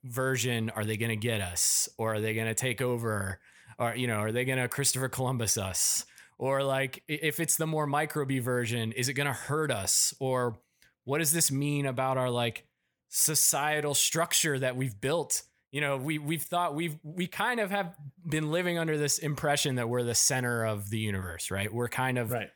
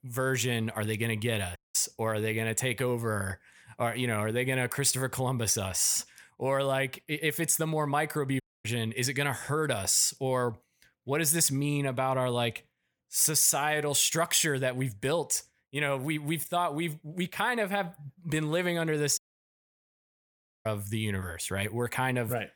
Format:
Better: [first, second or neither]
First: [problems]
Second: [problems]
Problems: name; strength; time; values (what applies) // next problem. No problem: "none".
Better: first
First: none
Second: audio cutting out; at 1.5 s, at 8.5 s and at 19 s for 1.5 s